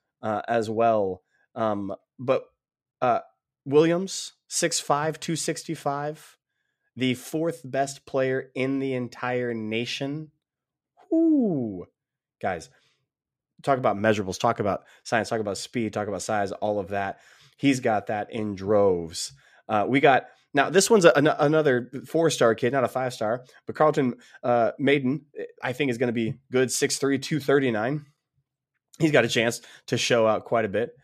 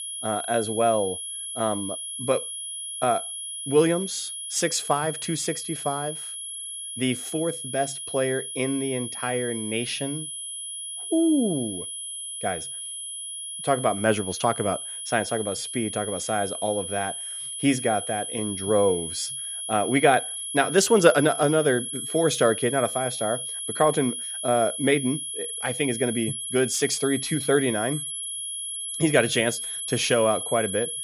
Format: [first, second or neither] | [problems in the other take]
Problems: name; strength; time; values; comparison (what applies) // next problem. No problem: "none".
first | high-pitched whine; loud; throughout; 11 kHz, 6 dB below the speech